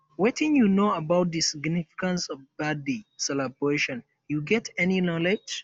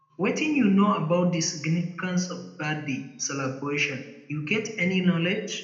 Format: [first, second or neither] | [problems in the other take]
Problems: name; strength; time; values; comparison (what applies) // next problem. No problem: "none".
first | room echo; dies away in 0.7 s